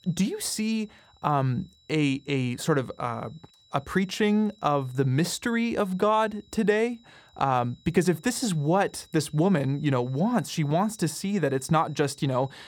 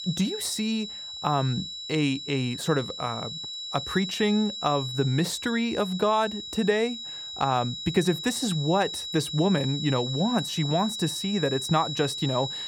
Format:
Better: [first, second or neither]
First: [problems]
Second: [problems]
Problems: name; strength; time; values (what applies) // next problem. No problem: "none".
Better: first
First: high-pitched whine; faint; throughout; 4 kHz, 30 dB below the speech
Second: high-pitched whine; loud; throughout; 4 kHz, 6 dB below the speech